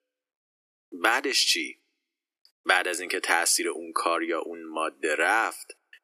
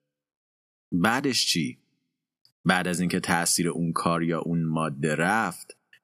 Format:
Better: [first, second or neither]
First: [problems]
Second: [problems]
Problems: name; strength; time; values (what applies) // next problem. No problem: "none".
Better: second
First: thin; very; fading below 300 Hz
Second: none